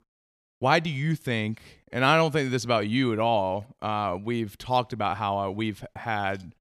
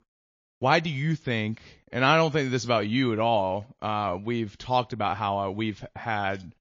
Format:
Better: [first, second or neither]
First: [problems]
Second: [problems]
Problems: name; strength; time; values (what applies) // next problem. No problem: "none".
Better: first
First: none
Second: garbled, watery; slightly; nothing above 6.5 kHz